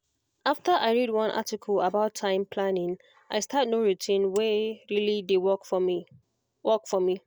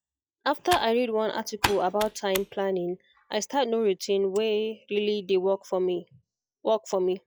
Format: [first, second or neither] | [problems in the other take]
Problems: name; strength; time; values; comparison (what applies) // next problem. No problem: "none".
first | noise reduction (classical method log-MMSE)